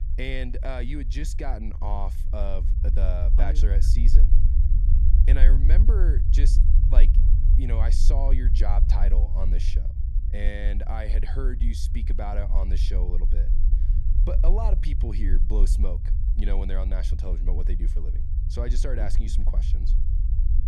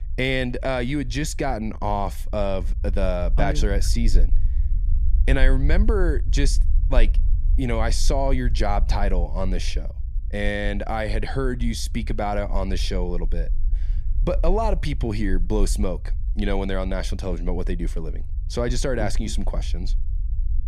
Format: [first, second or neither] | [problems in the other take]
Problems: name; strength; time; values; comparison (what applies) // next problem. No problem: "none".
second | low rumble; loud; throughout; 8 dB below the speech; faint in the second